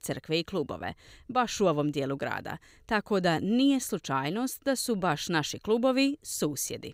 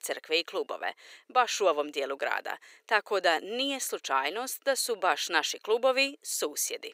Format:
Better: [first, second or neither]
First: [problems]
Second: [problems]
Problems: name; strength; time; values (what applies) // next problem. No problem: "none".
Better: first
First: none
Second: thin; very; fading below 450 Hz